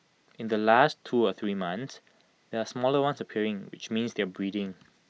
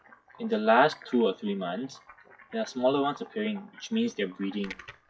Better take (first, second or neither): first